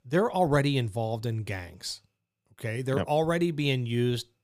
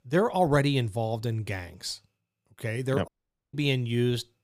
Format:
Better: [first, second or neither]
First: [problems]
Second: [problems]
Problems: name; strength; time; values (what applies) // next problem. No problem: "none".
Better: first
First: none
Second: audio cutting out; at 3 s